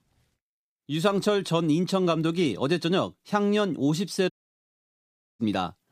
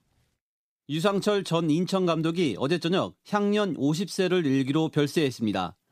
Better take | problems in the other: second | audio cutting out; at 4.5 s for 1 s

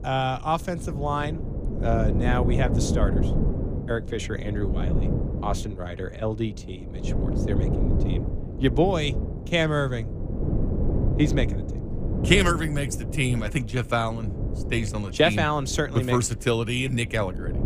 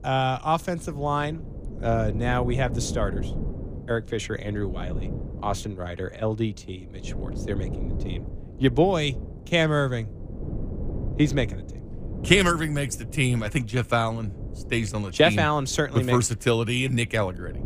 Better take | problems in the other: second | wind noise on the microphone; heavy; 10 dB below the speech; occasional gusts in the second

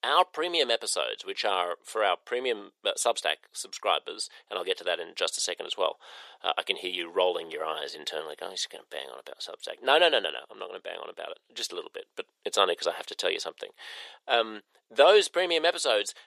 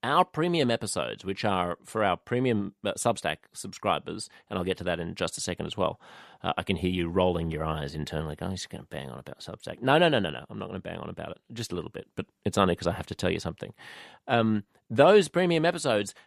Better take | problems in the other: second | thin; very; fading below 450 Hz

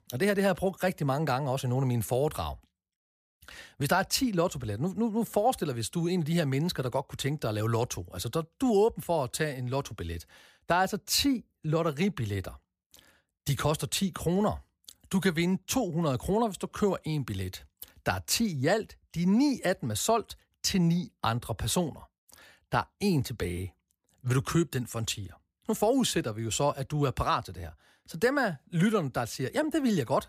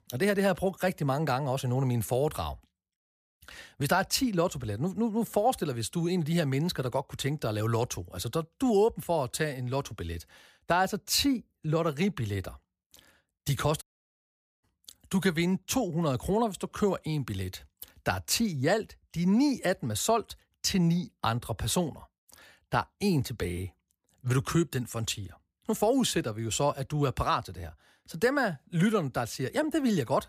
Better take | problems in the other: first | audio cutting out; at 14 s for 1 s

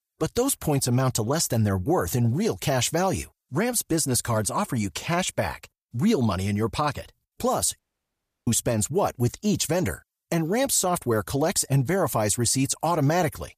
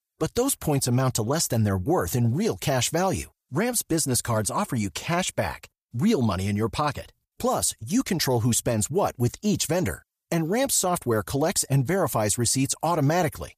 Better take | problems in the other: second | audio cutting out; at 8 s for 0.5 s

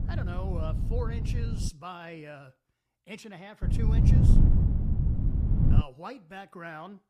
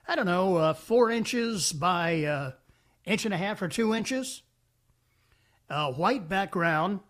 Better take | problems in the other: second | wind noise on the microphone; heavy; until 1.5 s and from 3.5 to 6 s; 2 dB above the speech

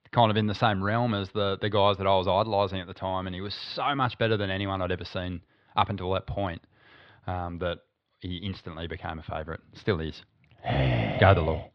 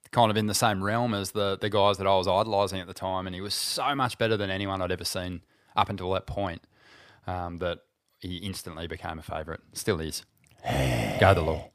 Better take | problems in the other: second | muffled; slightly; fading above 4 kHz

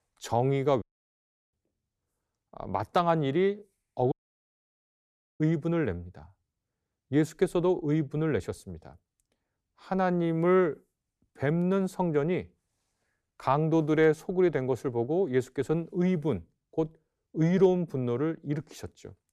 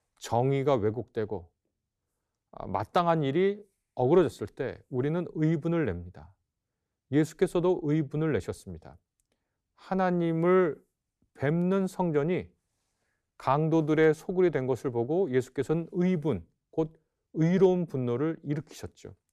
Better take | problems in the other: second | audio cutting out; at 1 s for 0.5 s and at 4 s for 1.5 s

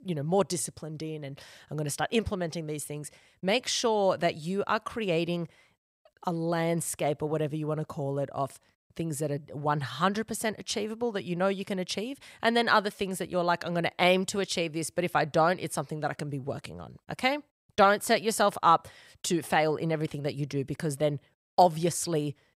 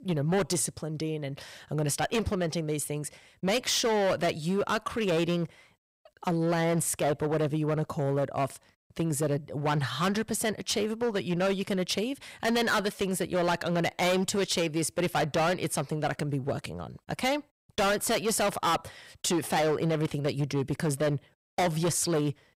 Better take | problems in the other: first | distortion; heavy; 13% of the sound clipped

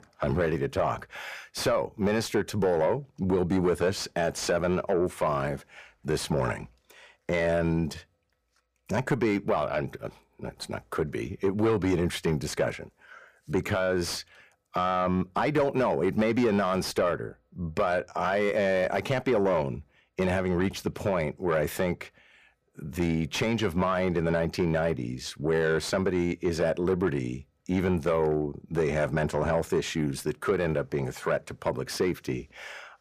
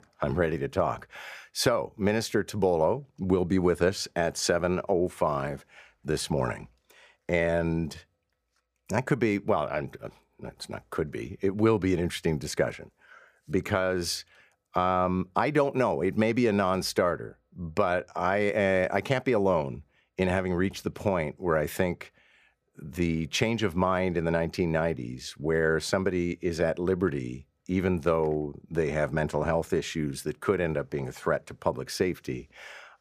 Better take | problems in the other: second | distortion; slight; 10 dB below the speech

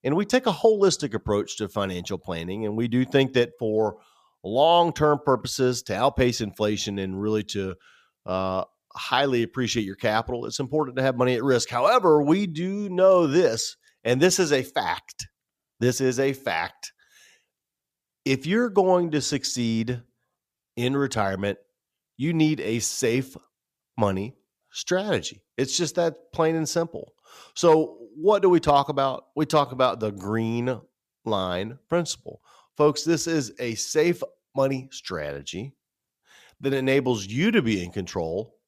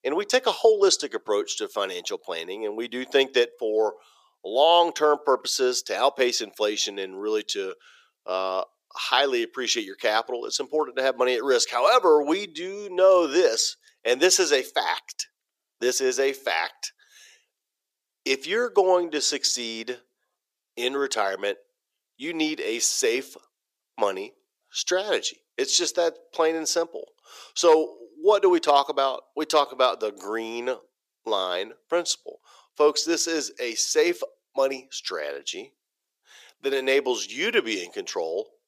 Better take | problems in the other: first | thin; somewhat; fading below 350 Hz

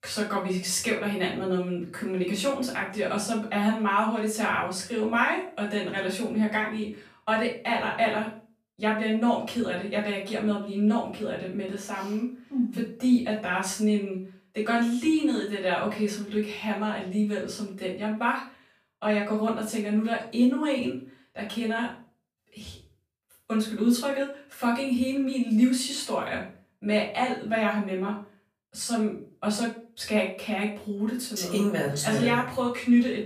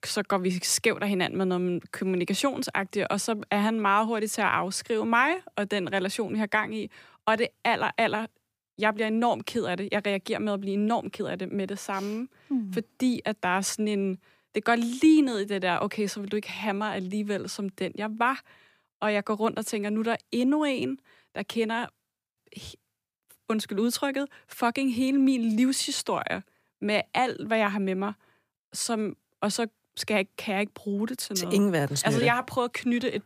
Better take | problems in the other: second | room echo; slight; dies away in 0.4 s // off-mic speech; far

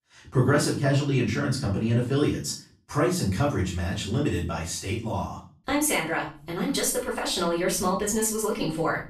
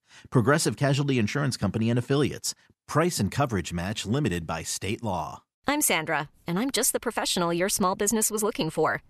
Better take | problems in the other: second | off-mic speech; far // room echo; slight; dies away in 0.4 s

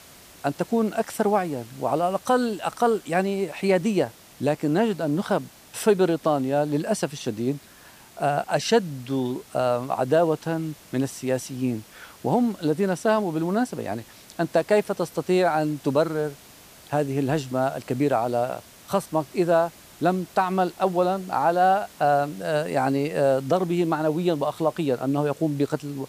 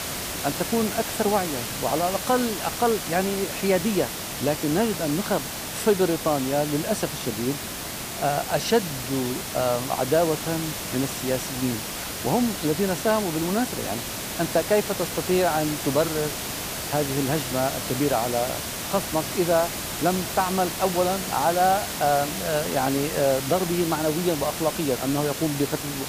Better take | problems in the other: first | hiss; loud; throughout; 4 dB below the speech; faint in the first

